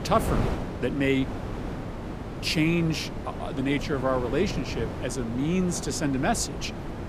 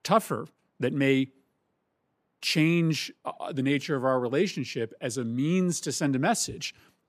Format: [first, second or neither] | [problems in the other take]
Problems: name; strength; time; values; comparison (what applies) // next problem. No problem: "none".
second | wind noise on the microphone; heavy; 8 dB below the speech